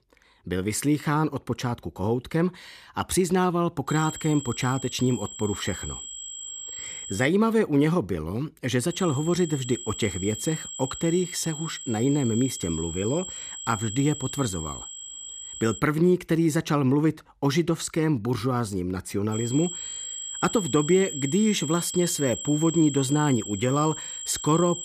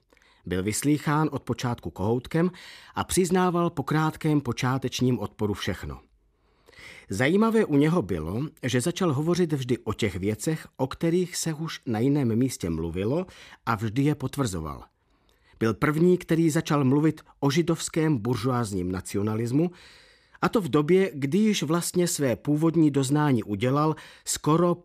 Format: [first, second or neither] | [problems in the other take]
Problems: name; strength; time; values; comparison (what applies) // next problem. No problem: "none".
second | high-pitched whine; loud; from 4 to 7.5 s, from 9 to 16 s and from 19 s on; 7.5 kHz, 9 dB below the speech